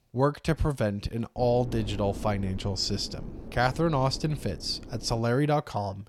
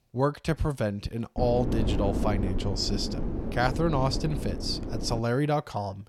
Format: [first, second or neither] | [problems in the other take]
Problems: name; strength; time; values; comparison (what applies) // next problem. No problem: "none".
first | wind noise on the microphone; heavy; from 1.5 to 5 s; 8 dB below the speech; occasional gusts in the first